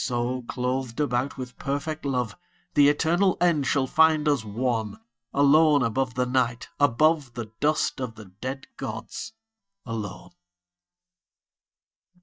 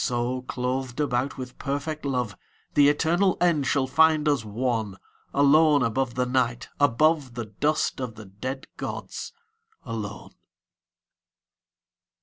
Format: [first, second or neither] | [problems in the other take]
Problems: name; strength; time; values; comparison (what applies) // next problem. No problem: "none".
second | noise reduction (neural mask model DeepFilterNet 3)